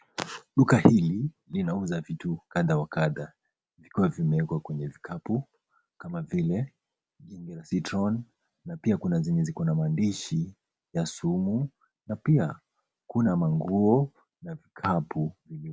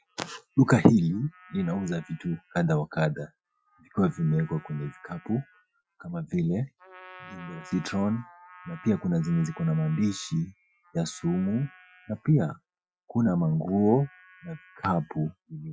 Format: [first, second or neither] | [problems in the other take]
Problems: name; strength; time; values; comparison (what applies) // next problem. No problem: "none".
first | noise reduction (classical method Wiener filter)